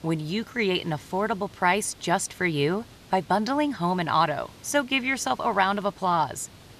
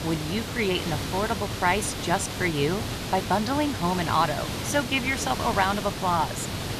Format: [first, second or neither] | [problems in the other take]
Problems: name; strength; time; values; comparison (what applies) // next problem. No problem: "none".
first | hiss; loud; throughout; 5 dB below the speech; faint in the first